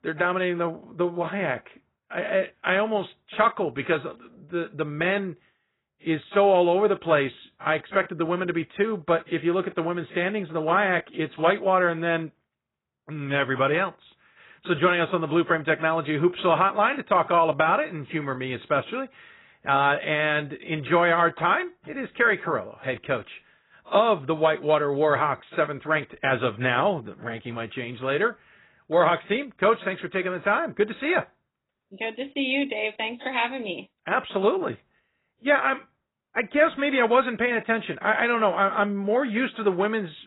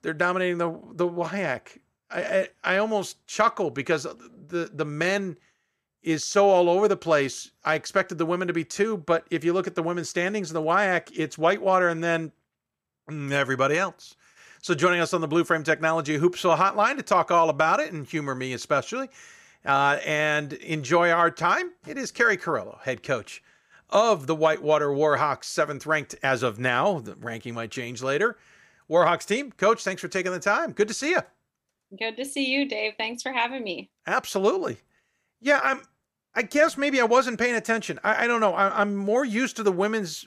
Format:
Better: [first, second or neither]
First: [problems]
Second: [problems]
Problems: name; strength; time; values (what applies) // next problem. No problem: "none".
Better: second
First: garbled, watery; badly; nothing above 4 kHz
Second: none